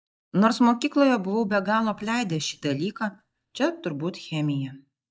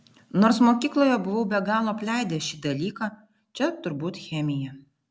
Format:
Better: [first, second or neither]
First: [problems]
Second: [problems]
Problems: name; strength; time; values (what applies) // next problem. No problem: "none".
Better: second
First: noise reduction (neural mask model DeepFilterNet 3)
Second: none